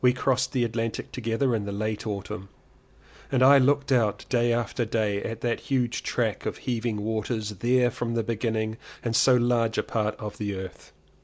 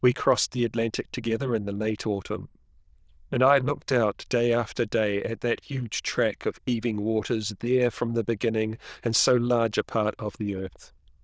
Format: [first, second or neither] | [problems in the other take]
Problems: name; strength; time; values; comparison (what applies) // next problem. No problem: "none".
first | noise reduction (neural diffusion model UNIVERSE++)